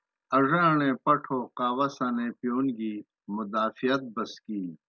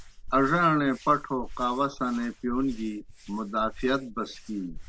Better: first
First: none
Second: background sound (Hands); 14 dB below the speech

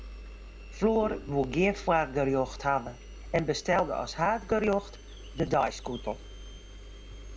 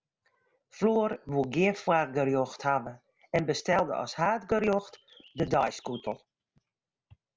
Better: second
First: background sound (Organ + Engine); 13 dB below the speech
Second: none

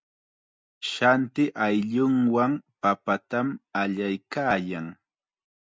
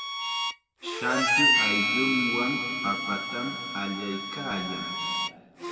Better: first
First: none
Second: background sound (Harmonica); 4 dB above the speech // room echo; dies away in 2.5 s

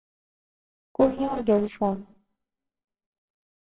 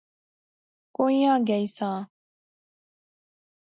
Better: second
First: noise reduction (neural separator model SepFormer WHAMR!)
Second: none

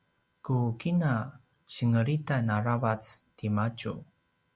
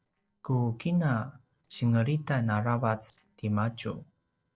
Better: first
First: none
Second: noise reduction (neural separator model SepFormer DNS4)

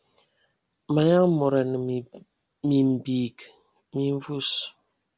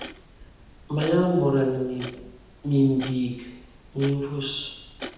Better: first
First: none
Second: background sound (Clock); 17 dB below the speech // room echo; dies away in 0.9 s

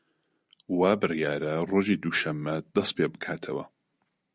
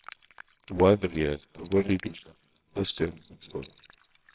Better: first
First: none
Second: noise reduction (neural separator model SepFormer WHAMR!)

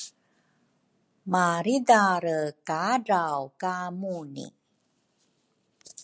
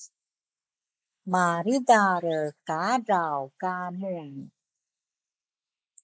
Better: first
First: none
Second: noise reduction (neural mask model Resemble Enhance denoiser)

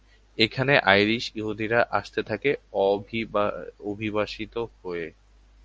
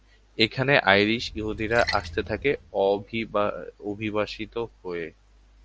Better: first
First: none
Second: background sound (Splash, splatter); 12 dB below the speech

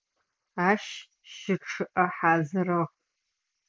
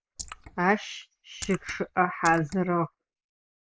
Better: first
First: none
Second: noise reduction (neural mask model Resemble Enhance denoiser)

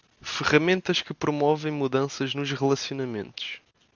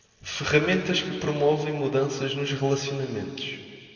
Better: first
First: none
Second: room echo; dies away in 2.4 s

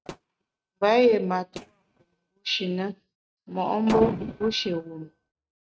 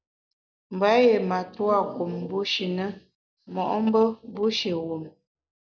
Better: second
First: noise reduction (neural mask model RNNoise)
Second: none

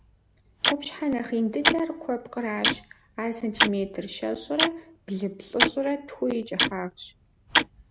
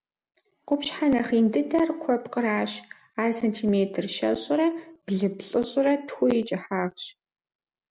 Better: second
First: background sound (Tick-tock); 1 dB above the speech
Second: none

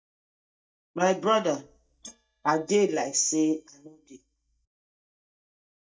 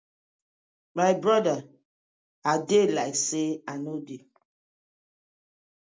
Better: second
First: noise reduction (neural mask model DeepFilterNet 3)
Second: none

